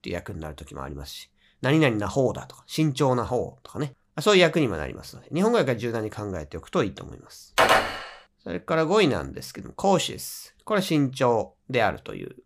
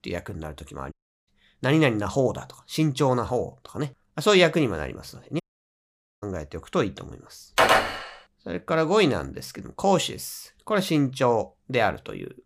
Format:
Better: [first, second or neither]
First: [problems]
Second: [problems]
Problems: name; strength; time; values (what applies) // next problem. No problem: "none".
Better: first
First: none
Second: audio cutting out; at 1 s and at 5.5 s for 1 s